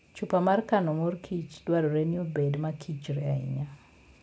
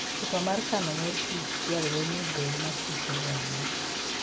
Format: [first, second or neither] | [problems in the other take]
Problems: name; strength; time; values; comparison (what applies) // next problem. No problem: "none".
first | background sound (Bathtub (filling or washing)); 1 dB above the speech